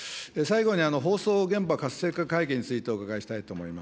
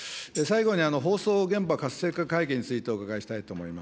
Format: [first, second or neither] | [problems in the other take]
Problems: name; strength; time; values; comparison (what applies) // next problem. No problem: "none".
first | background sound (Tambourine); 18 dB below the speech